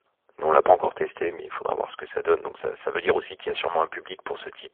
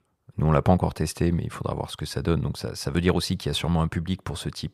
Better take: second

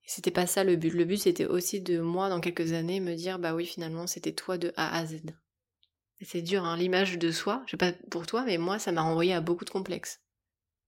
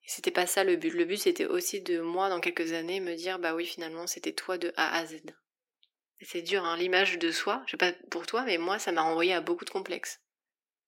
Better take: first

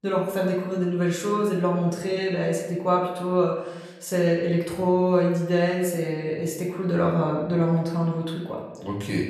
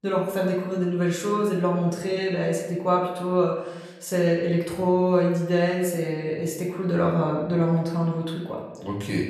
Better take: neither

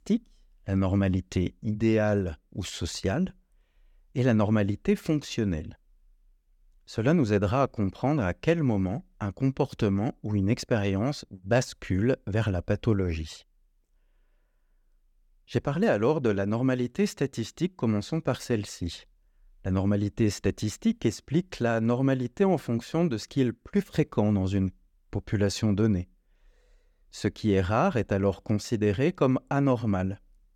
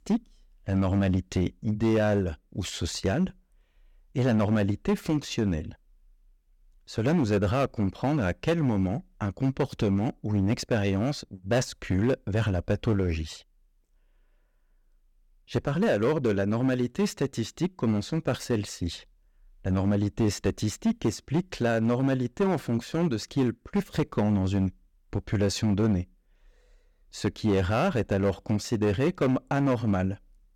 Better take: first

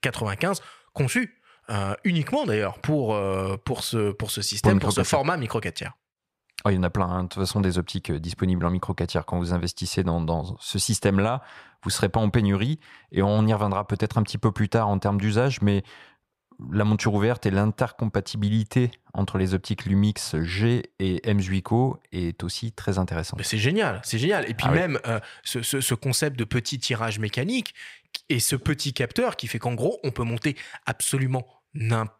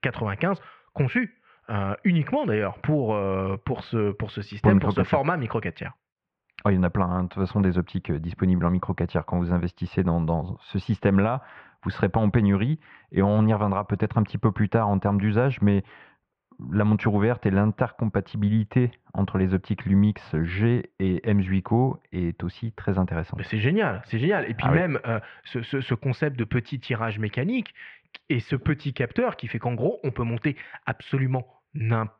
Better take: first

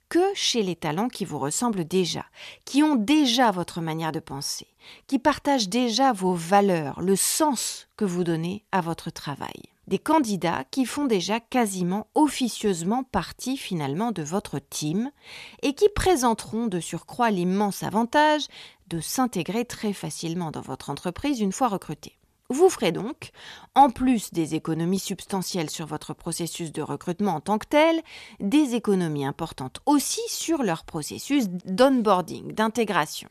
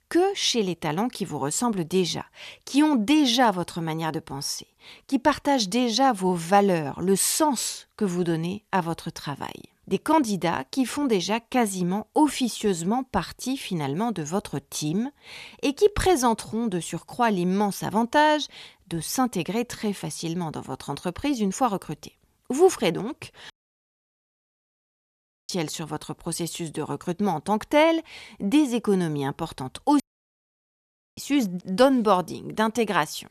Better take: first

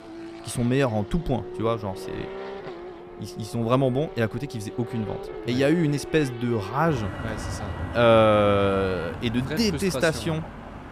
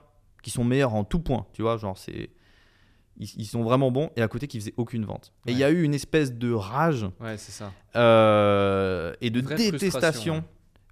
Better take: second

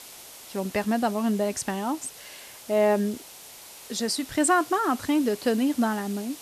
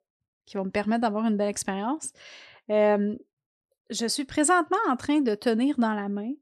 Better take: second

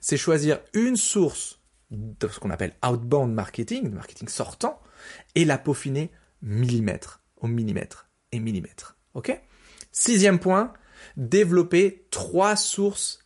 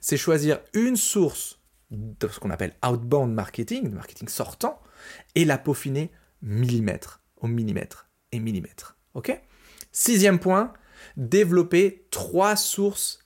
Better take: second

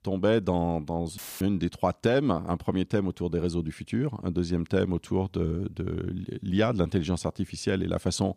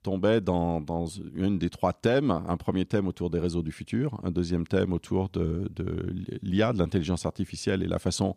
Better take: second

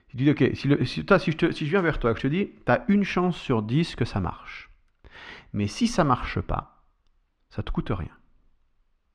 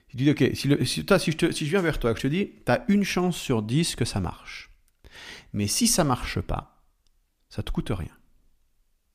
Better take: second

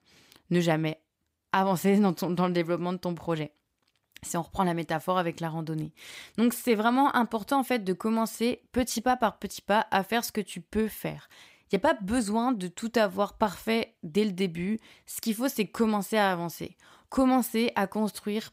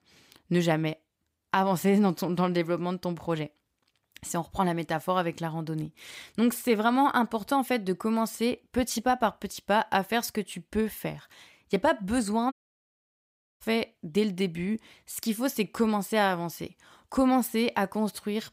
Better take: first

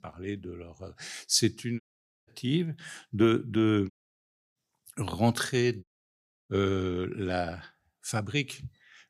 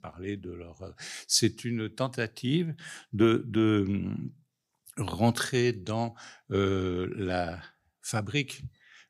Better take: second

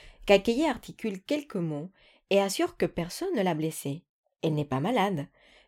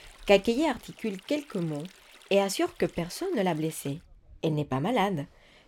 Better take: first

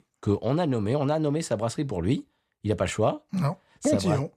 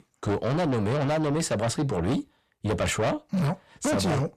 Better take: first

